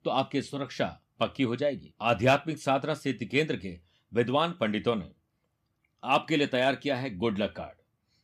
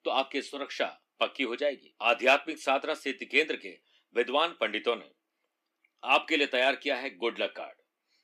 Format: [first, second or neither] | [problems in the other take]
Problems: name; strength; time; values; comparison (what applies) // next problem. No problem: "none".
first | thin; somewhat; fading below 300 Hz